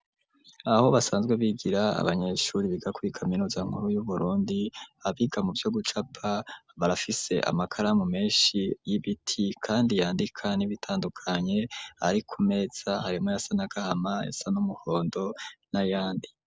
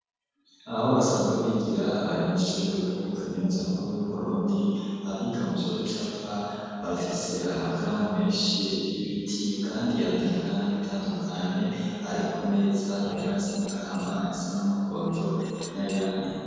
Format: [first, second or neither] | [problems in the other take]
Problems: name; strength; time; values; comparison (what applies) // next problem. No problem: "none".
first | noise reduction (neural separator model SepFormer DNS4)